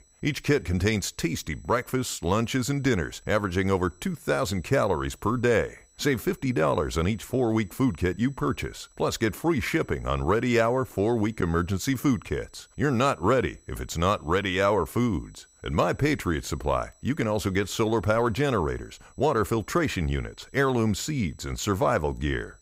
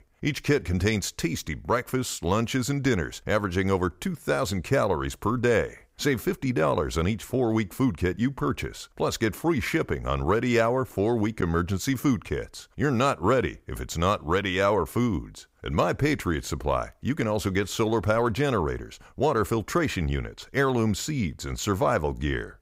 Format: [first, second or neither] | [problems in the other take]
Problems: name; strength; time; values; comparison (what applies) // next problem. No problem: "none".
second | high-pitched whine; faint; throughout; 8 kHz, 30 dB below the speech